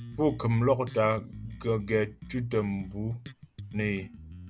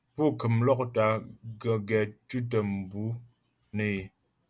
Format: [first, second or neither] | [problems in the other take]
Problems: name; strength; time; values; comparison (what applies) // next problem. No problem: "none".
second | background sound (Bass guitar); 15 dB below the speech